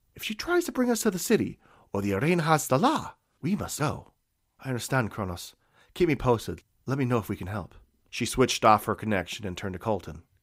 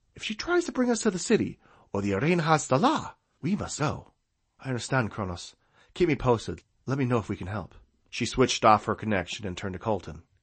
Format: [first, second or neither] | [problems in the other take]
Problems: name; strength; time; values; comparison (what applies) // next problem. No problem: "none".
first | garbled, watery; slightly; nothing above 8 kHz